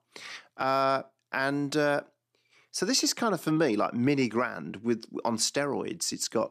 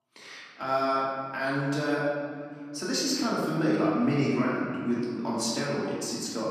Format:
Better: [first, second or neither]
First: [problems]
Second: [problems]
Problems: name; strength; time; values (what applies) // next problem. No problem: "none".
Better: first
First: none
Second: room echo; strong; dies away in 2.4 s // off-mic speech; far